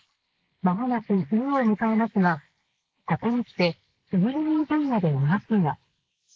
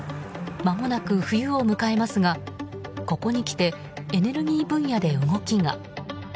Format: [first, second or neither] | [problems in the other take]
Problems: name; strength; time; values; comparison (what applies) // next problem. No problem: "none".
second | noise reduction (neural mask model Resemble Enhance denoiser)